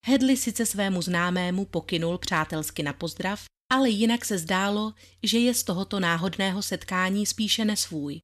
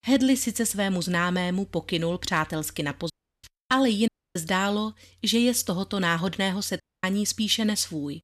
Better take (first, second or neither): first